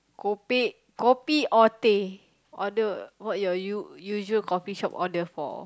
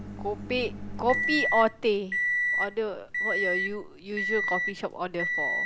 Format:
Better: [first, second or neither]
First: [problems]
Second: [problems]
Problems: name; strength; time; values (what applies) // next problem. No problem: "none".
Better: first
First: none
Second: background sound (Microwave oven); as loud as the speech